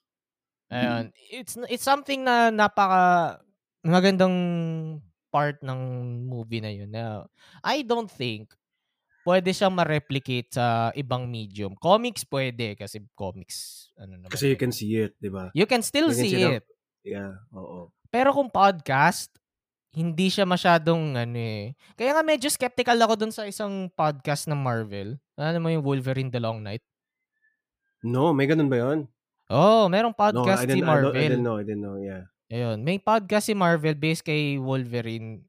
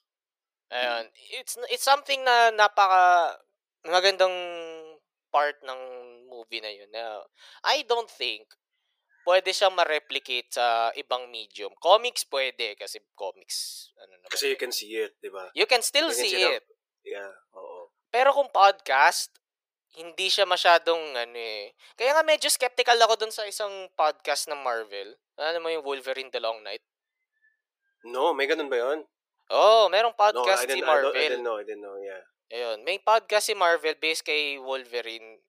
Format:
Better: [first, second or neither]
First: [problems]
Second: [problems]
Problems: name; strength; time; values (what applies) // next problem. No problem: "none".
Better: first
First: none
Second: thin; very; fading below 450 Hz